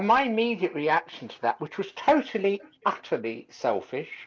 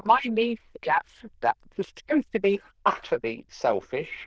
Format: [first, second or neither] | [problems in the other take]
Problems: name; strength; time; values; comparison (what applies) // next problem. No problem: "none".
first | noise reduction (neural diffusion model UNIVERSE++)